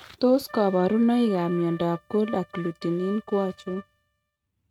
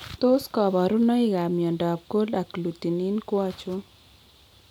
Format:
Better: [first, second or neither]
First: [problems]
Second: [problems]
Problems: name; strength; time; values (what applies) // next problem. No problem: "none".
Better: second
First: noise reduction (neural mask model RNNoise)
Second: none